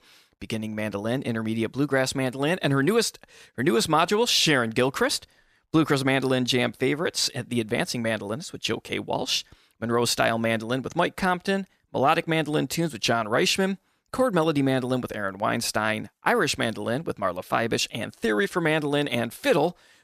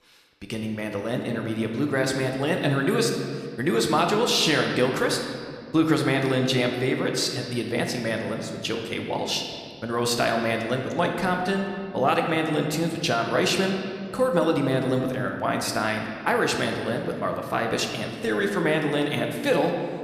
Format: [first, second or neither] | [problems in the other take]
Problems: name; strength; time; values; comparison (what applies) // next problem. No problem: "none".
first | room echo; slight; dies away in 1.8 s